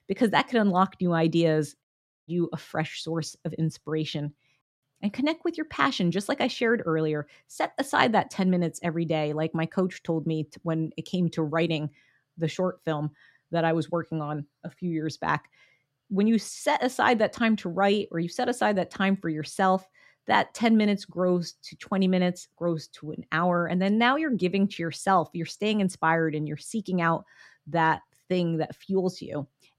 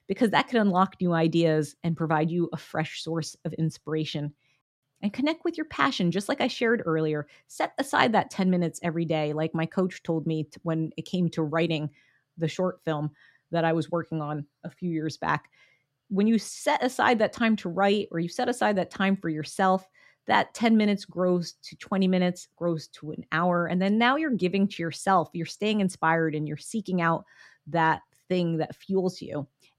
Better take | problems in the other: second | audio cutting out; at 2 s

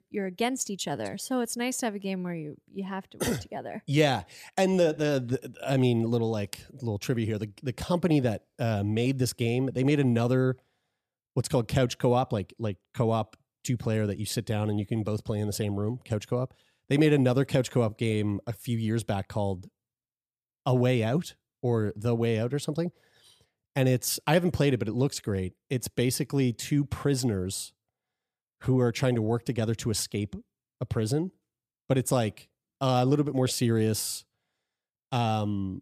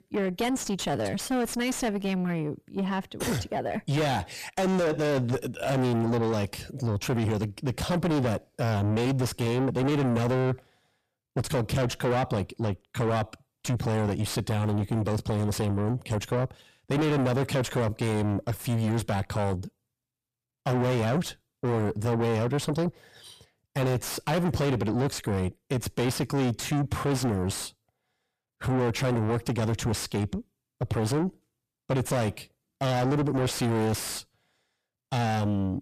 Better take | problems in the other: first | distortion; heavy; 5 dB below the speech

